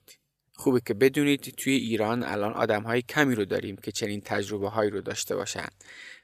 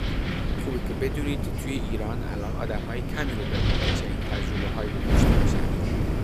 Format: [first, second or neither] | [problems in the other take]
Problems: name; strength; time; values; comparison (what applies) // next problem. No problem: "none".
first | wind noise on the microphone; heavy; 4 dB above the speech